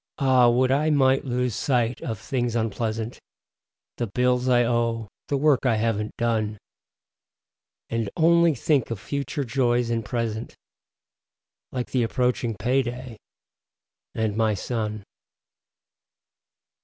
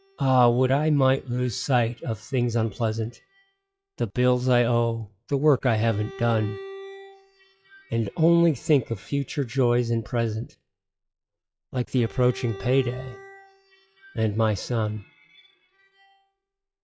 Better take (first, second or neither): first